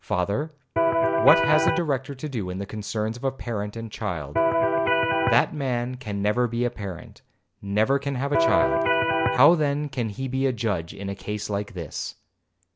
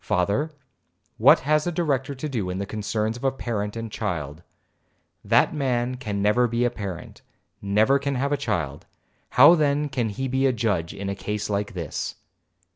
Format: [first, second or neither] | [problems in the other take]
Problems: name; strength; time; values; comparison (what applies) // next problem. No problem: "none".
second | background sound (Electric guitar); 4 dB above the speech